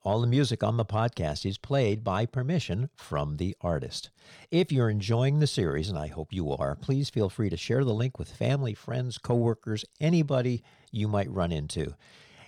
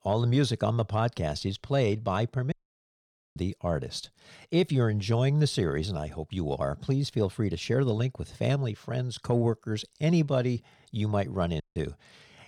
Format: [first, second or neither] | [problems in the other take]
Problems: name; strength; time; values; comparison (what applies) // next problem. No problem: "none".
first | audio cutting out; at 2.5 s for 1 s and at 12 s